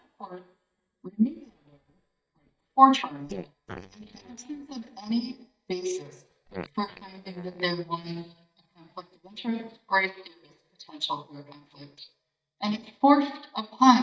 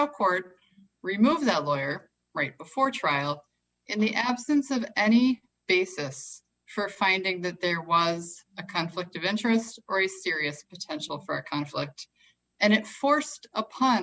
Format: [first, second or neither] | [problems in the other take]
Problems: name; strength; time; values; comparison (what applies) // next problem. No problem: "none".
second | noise reduction (neural mask model DeepFilterNet 3)